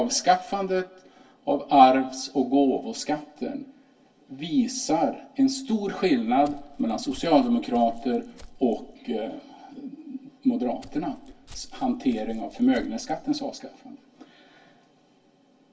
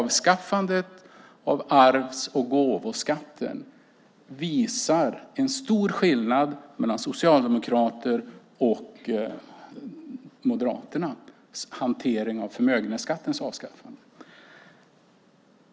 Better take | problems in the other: second | background sound (Walk, footsteps); 19 dB below the speech // room echo; dies away in 0.1 s

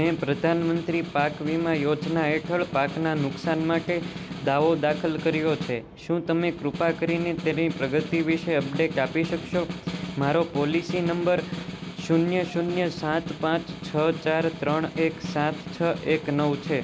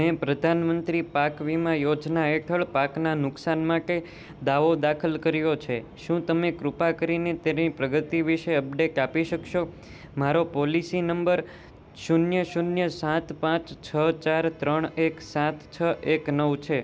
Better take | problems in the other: second | background sound (Snare drum); 9 dB below the speech

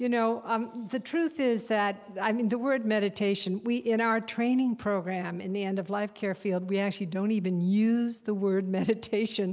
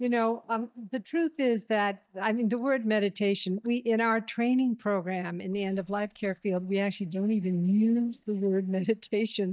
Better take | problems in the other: first | noise reduction (neural mask model DeepFilterNet 3)

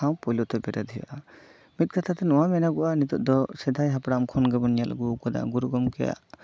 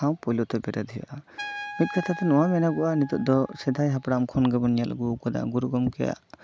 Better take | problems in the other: first | background sound (Trumpet); 17 dB below the speech

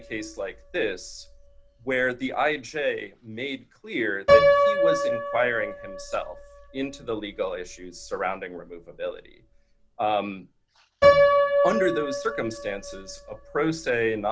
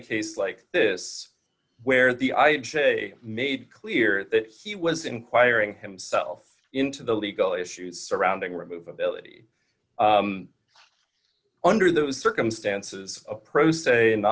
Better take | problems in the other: second | background sound (Piano); 3 dB above the speech

